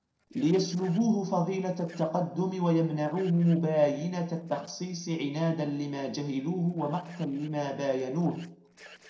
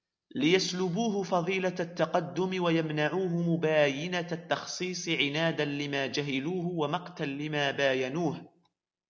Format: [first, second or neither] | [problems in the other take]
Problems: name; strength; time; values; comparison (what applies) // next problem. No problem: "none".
second | noise reduction (neural separator model SepFormer DNS4)